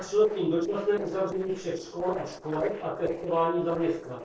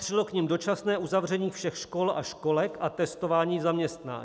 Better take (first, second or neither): second